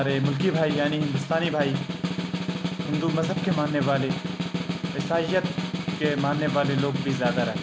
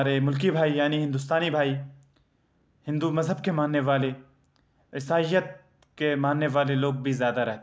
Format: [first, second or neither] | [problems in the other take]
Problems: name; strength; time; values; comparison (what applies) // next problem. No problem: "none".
second | background sound (Snare drum); 2 dB below the speech